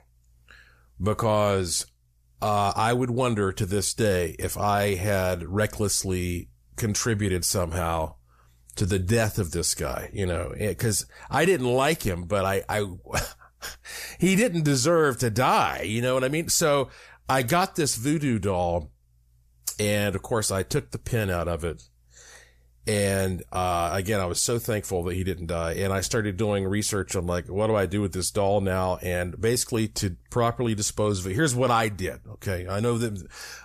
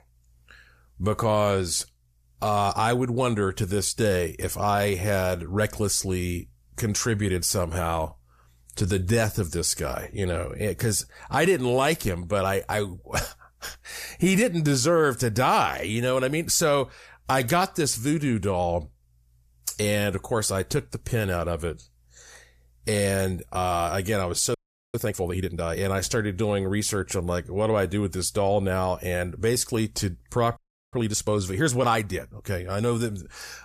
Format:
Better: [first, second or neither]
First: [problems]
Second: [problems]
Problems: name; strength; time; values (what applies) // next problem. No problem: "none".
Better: first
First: none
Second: audio freezing; at 25 s and at 31 s